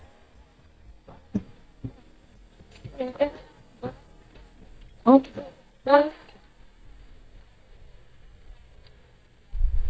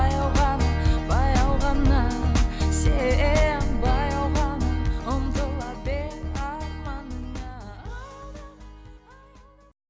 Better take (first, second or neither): second